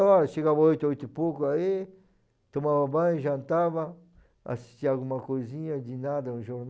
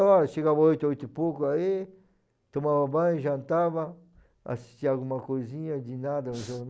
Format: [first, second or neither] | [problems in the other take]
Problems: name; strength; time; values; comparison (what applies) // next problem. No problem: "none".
first | noise reduction (neural mask model Resemble Enhance denoiser)